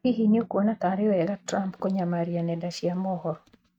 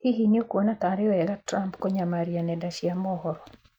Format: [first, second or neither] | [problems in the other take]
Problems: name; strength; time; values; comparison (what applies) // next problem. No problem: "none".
second | noise reduction (neural mask model RNNoise)